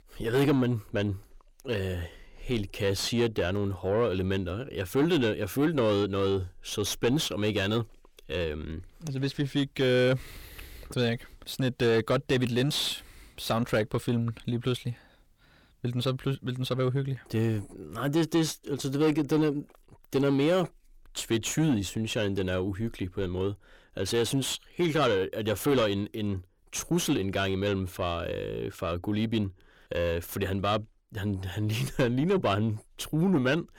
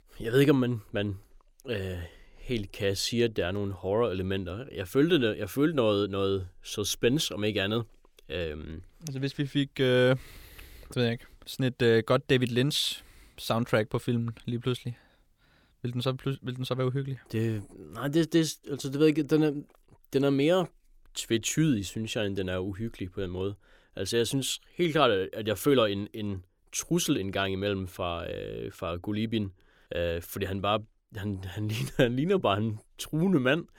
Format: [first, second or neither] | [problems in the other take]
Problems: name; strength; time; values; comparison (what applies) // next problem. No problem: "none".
second | distortion; slight; 10 dB below the speech